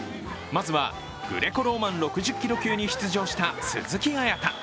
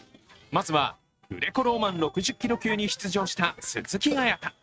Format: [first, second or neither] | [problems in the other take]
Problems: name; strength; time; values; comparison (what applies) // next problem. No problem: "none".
first | noise reduction (neural mask model RNNoise)